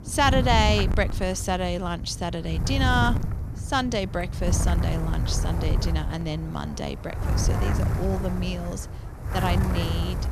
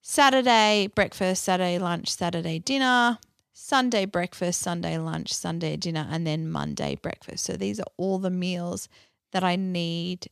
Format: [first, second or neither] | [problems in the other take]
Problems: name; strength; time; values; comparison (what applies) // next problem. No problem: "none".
second | wind noise on the microphone; heavy; 9 dB below the speech